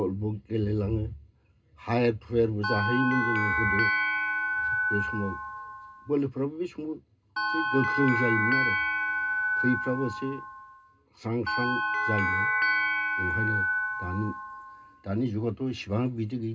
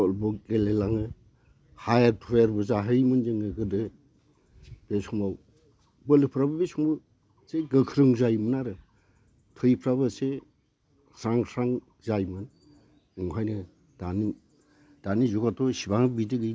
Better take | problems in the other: second | background sound (Bell); 2 dB above the speech // room echo; dies away in 0.2 s

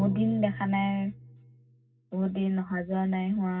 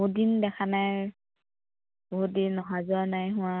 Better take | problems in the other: second | background sound (Drum); 13 dB below the speech // room echo; dies away in 0.4 s

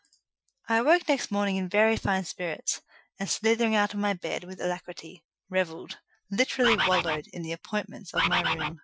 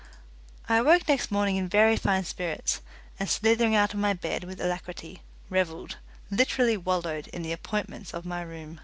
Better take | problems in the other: second | noise reduction (classical method Wiener filter)

